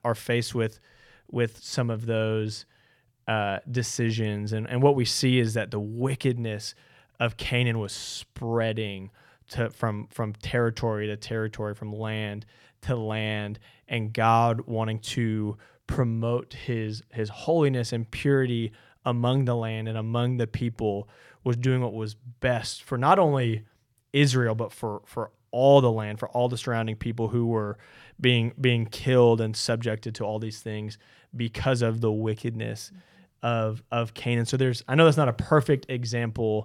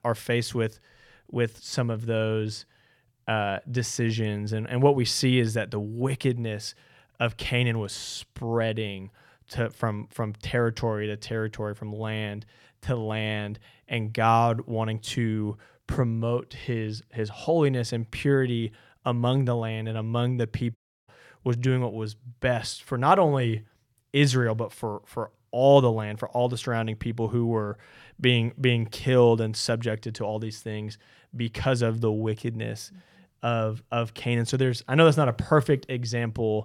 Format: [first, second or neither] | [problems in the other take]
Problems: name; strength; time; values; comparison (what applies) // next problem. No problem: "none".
first | audio cutting out; at 21 s